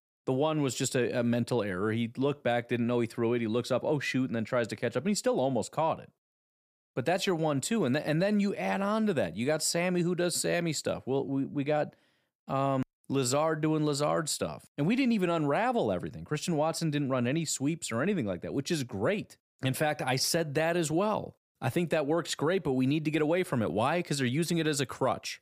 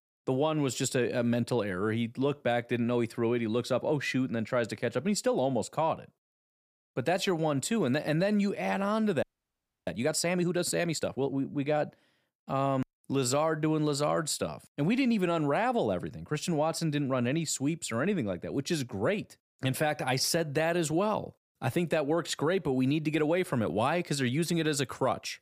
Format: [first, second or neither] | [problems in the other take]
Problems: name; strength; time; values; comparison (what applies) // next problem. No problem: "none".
first | audio freezing; at 9 s for 0.5 s